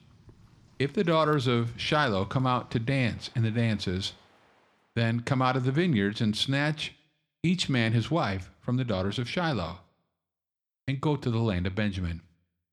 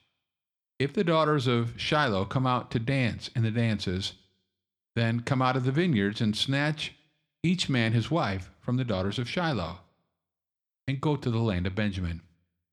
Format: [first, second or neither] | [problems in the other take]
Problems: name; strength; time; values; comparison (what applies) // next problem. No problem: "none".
second | rain or running water; faint; until 4.5 s; 30 dB below the speech